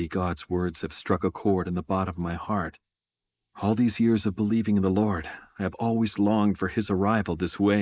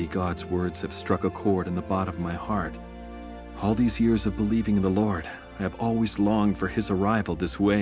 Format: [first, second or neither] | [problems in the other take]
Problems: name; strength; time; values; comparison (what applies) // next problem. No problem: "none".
second | noise reduction (neural mask model Resemble Enhance denoiser)